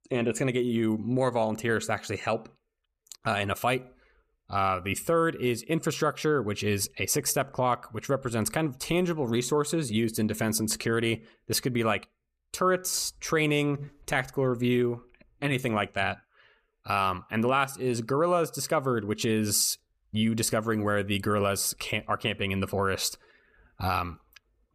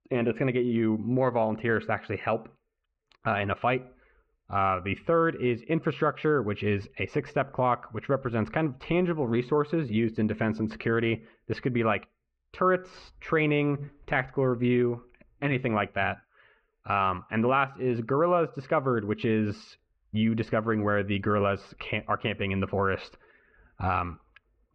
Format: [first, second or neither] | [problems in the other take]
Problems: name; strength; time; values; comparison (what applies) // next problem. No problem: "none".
first | muffled; very; fading above 2.5 kHz